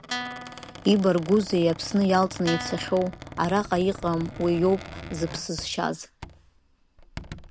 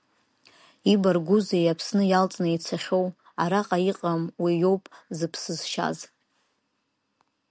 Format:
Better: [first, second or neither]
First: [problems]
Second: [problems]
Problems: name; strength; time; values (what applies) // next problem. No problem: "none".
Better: second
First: background sound (Squeak + Guitar); 13 dB below the speech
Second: none